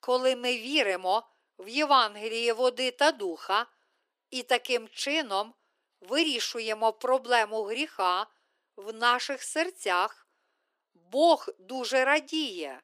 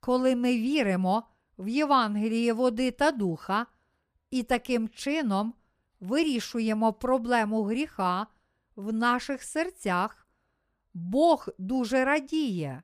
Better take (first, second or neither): second